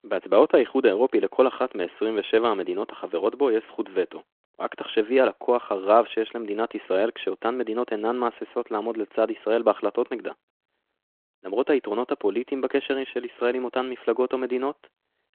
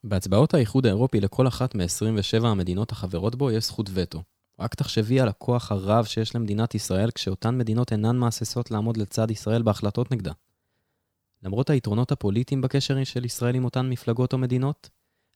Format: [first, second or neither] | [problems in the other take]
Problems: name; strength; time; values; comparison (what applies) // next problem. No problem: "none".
second | phone-call audio